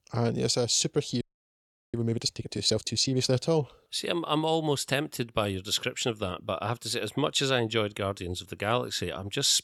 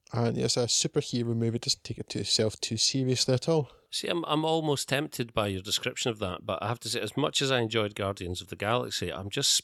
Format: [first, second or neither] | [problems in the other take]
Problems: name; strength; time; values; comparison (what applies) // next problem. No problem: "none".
second | audio freezing; at 1 s for 0.5 s